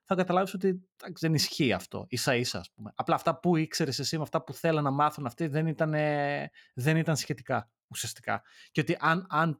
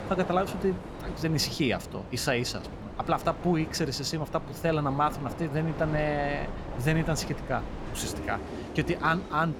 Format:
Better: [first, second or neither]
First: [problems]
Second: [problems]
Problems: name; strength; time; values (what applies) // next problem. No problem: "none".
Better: first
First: none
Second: train or aircraft noise; loud; throughout; 9 dB below the speech